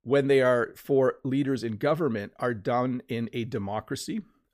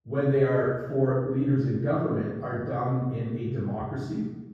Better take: first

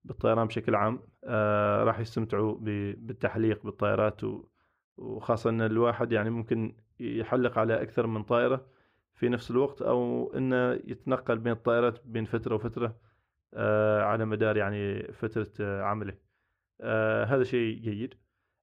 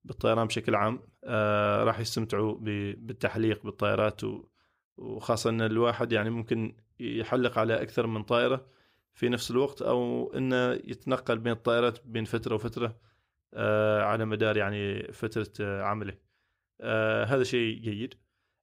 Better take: second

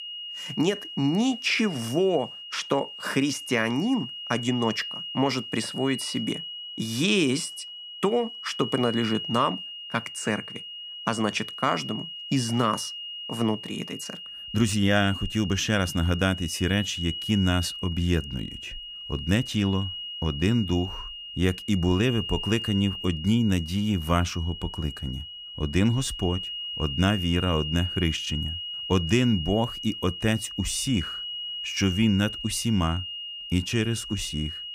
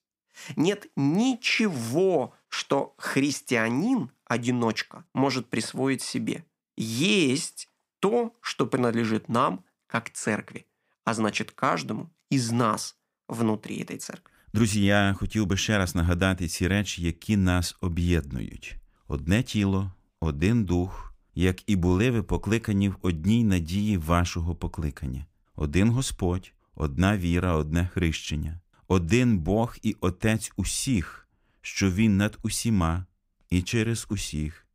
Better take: second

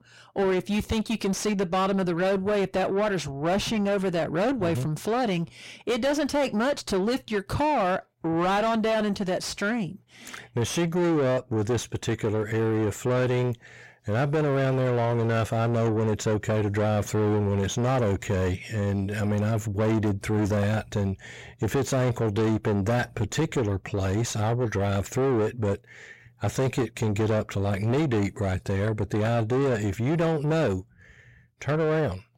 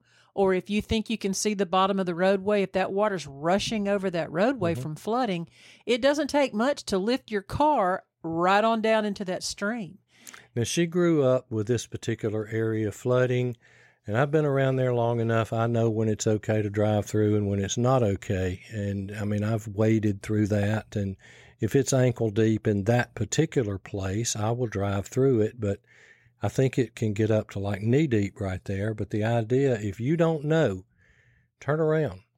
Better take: second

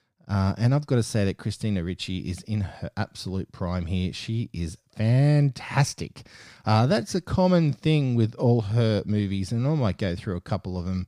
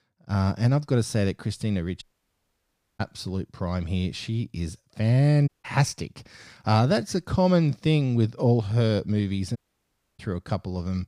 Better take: first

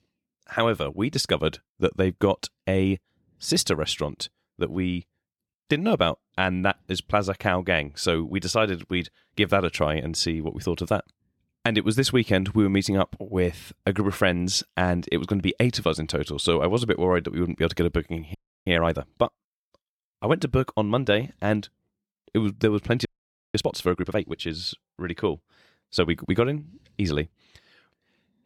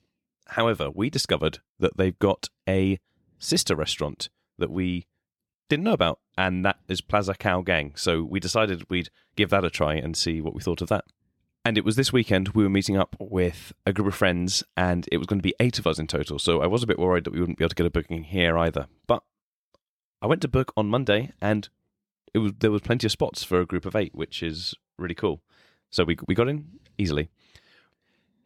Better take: second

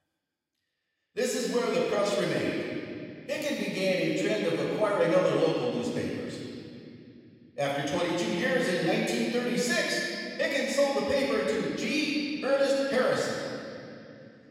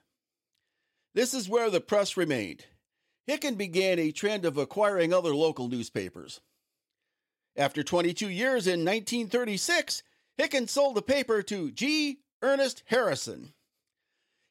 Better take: second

